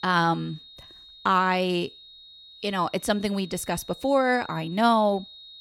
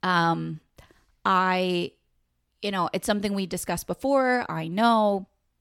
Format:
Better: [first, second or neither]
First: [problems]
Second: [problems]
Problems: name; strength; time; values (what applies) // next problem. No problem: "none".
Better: second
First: high-pitched whine; noticeable; throughout; 4 kHz, 20 dB below the speech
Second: none